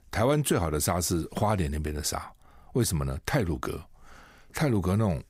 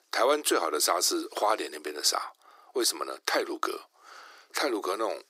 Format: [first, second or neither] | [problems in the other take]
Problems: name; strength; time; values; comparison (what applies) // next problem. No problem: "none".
first | thin; very; fading below 300 Hz